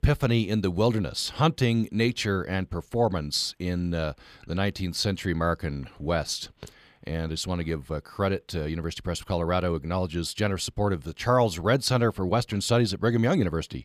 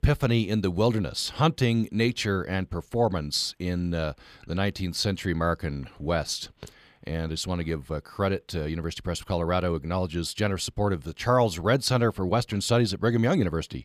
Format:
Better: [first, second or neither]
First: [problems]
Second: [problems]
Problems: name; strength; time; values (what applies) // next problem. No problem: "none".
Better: neither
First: none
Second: none